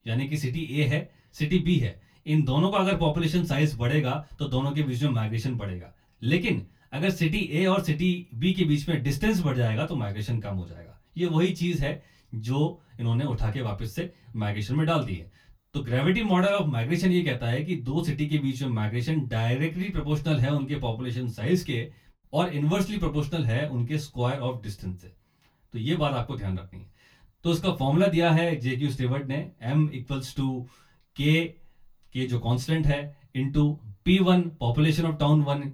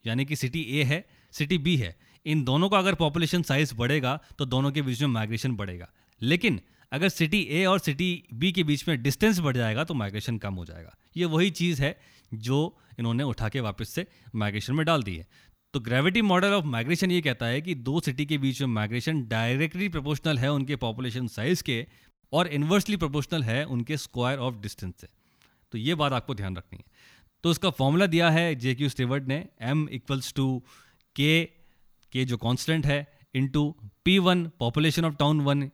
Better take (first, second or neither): second